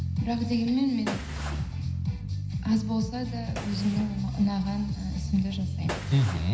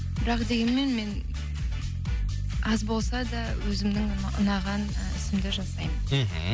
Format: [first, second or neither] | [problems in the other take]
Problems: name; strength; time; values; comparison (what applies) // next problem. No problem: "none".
second | background sound (Gunshot, gunfire); 16 dB below the speech // room echo; dies away in 0.9 s